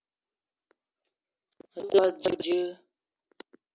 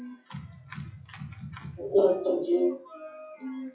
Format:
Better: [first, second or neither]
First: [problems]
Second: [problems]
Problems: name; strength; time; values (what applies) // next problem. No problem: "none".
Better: first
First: none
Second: noise reduction (classical method WPE with log-MMSE)